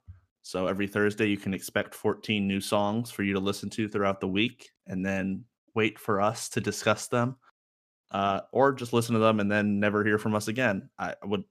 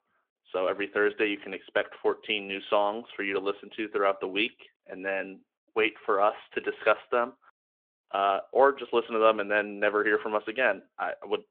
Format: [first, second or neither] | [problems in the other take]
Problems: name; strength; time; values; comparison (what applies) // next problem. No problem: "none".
first | phone-call audio; nothing above 3.5 kHz